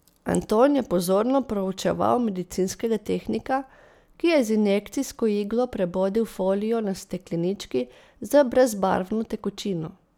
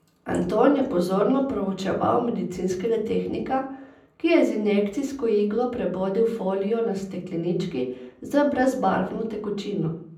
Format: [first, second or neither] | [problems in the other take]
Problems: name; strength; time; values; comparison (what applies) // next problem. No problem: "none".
first | room echo; dies away in 0.6 s